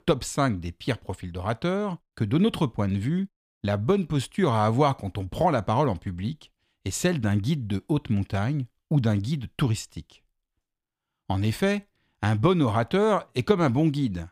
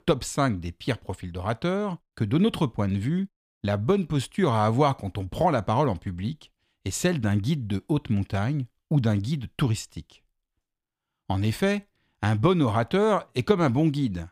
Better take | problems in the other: neither | none

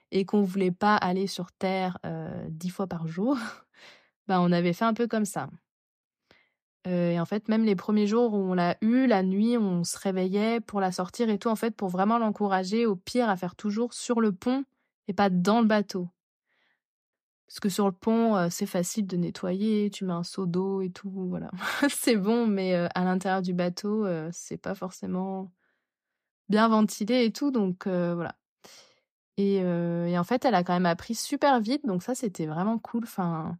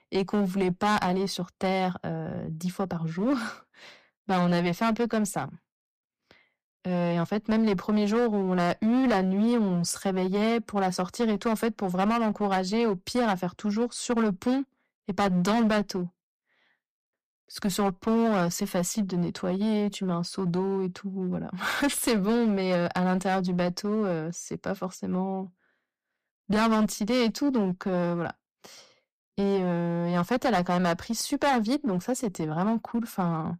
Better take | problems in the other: first | distortion; slight; 12% of the sound clipped

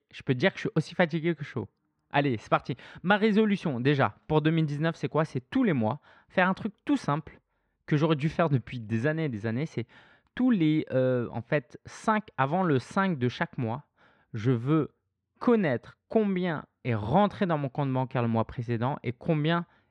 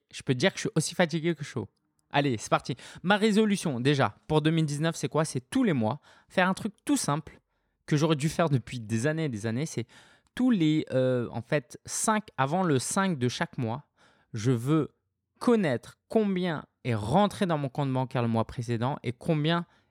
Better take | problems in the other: second | muffled; slightly; fading above 2.5 kHz

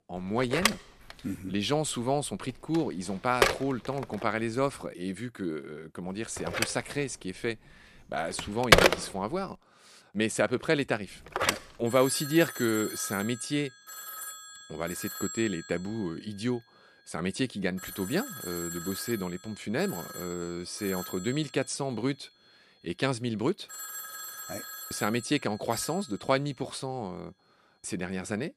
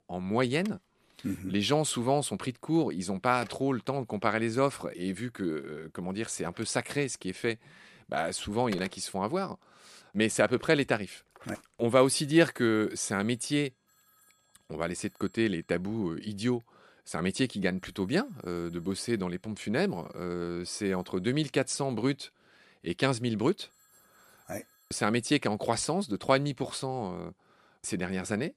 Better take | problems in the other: second | alarms or sirens; loud; throughout; as loud as the speech; faint in the second

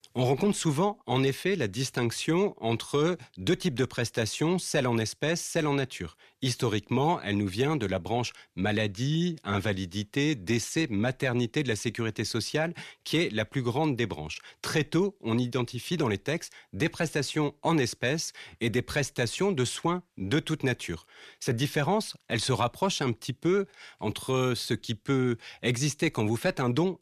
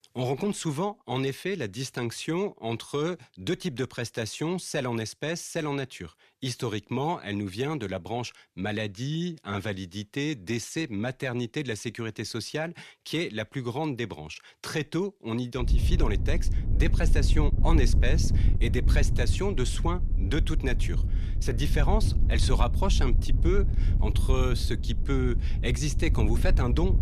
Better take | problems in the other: first | wind noise on the microphone; occasional gusts; from 16 s on; 10 dB below the speech

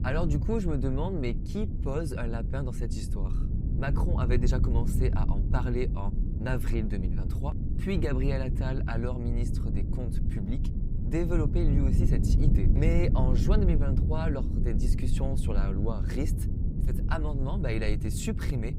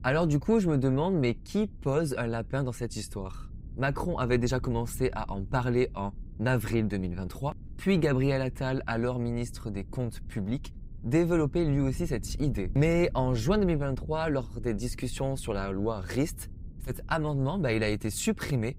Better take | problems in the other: second | low rumble; loud; throughout; 6 dB below the speech; faint in the second

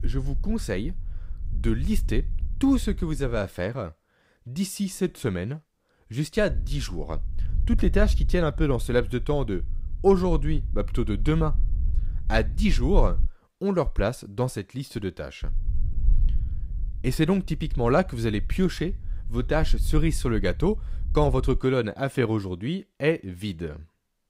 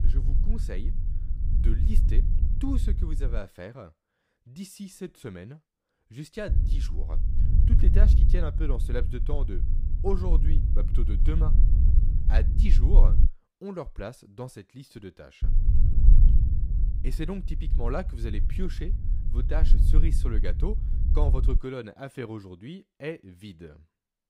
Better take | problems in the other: first | low rumble; loud; until 3.5 s, from 6.5 to 13 s and from 15 to 22 s; 6 dB below the speech; faint in the first

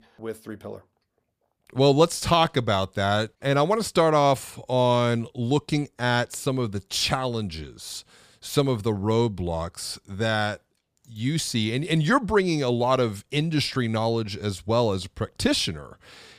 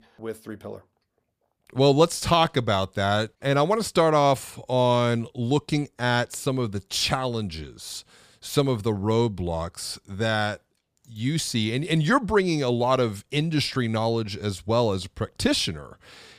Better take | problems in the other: neither | none

